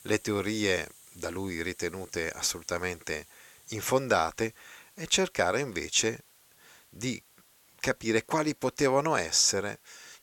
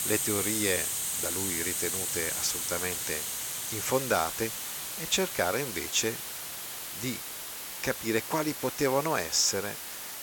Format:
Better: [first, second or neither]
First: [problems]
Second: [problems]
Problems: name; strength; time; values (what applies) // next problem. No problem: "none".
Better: first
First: hiss; faint; throughout; 25 dB below the speech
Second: hiss; loud; throughout; 2 dB below the speech